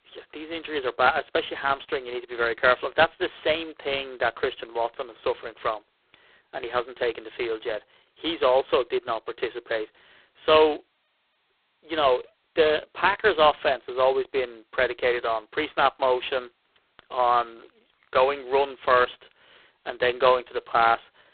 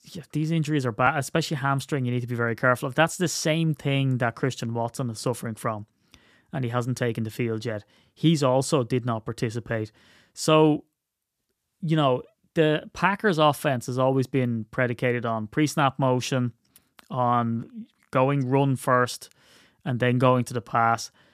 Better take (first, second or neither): second